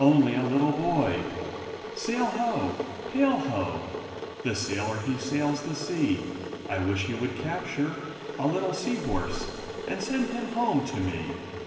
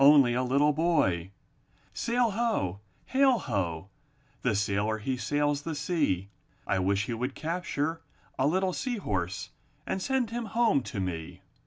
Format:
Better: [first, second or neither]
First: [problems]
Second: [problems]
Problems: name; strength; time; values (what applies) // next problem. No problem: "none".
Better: second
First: background sound (Boiling / Water); 9 dB below the speech // room echo; dies away in 2.5 s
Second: none